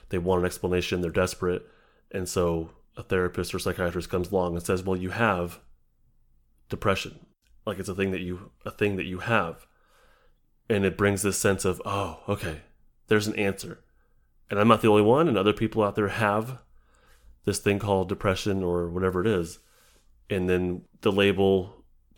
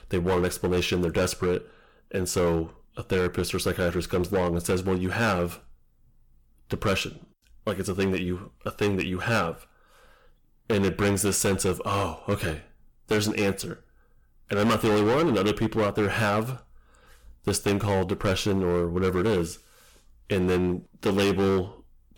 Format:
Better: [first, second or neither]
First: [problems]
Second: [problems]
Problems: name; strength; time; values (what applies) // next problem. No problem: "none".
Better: first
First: none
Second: distortion; heavy; 11% of the sound clipped